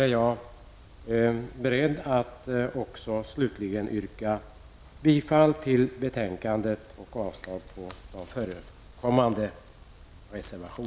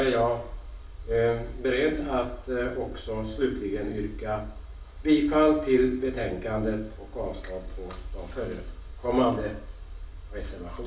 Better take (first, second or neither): first